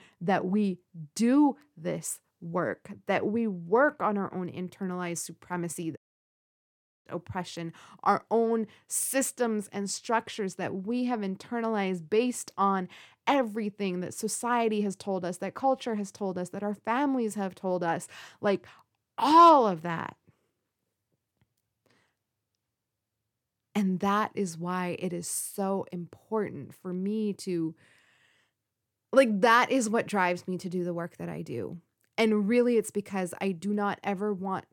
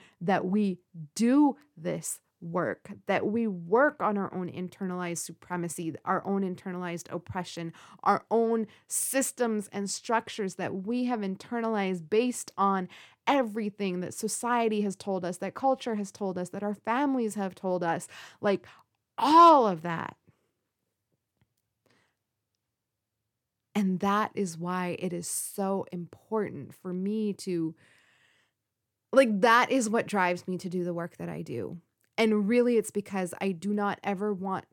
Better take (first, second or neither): second